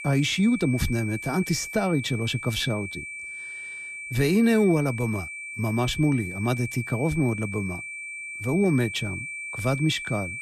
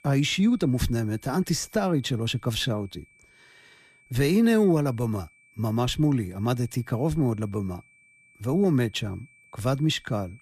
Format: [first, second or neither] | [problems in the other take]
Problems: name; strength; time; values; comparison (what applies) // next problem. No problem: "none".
second | high-pitched whine; loud; throughout; 2.5 kHz, 8 dB below the speech; faint in the second